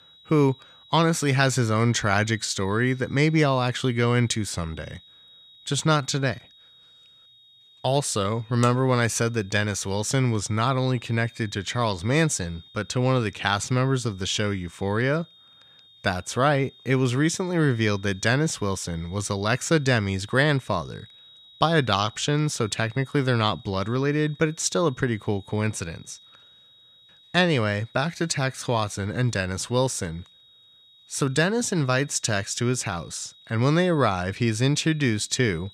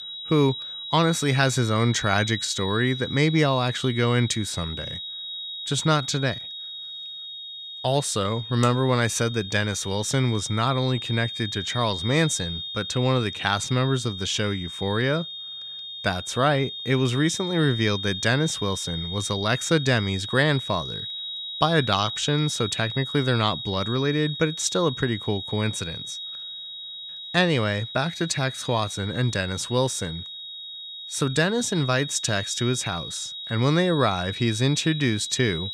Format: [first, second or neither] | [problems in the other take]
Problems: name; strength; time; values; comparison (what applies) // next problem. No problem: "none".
first | high-pitched whine; loud; throughout; 3.5 kHz, 8 dB below the speech; faint in the first